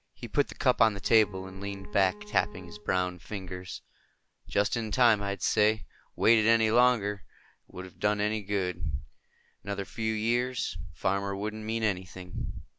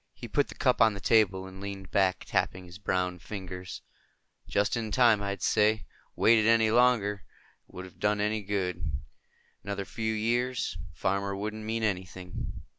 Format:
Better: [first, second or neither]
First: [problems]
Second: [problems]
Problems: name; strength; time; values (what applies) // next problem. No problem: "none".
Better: second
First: background sound (Bowed string instrument); 19 dB below the speech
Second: none